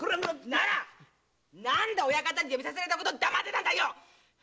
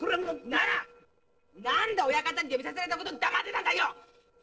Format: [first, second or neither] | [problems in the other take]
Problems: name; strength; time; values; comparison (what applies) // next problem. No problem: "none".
first | noise reduction (neural separator model SepFormer DNS4)